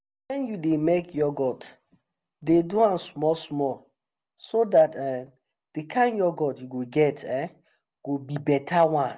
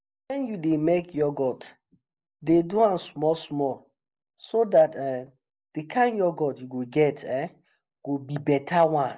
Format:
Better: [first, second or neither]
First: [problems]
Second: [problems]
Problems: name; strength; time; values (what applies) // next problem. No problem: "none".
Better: first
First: none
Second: noise reduction (neural mask model Resemble Enhance denoiser)